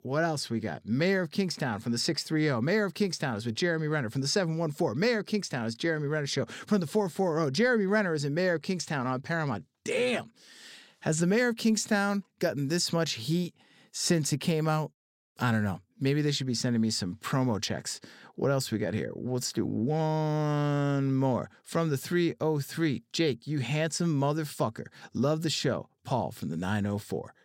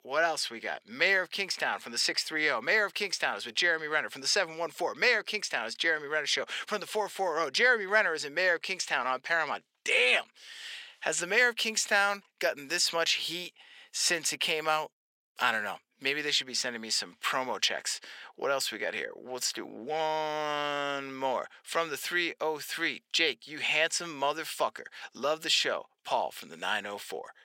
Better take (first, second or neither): first